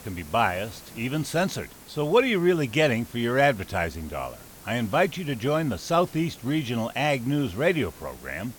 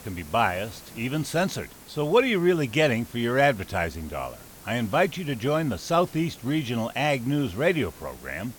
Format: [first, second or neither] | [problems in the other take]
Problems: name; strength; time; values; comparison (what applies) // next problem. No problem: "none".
neither | hiss; noticeable; throughout; 20 dB below the speech; the same in both